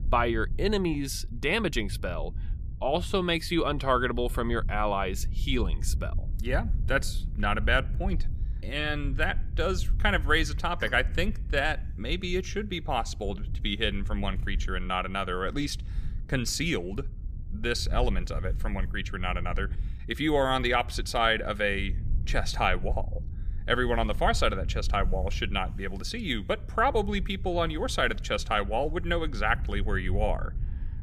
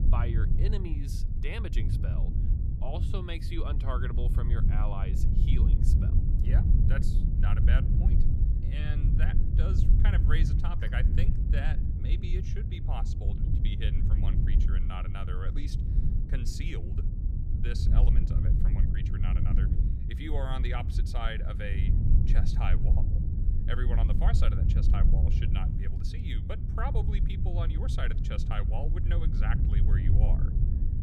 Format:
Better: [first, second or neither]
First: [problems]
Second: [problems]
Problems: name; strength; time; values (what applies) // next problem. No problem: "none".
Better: first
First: low rumble; faint; throughout; 25 dB below the speech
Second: low rumble; loud; throughout; 3 dB below the speech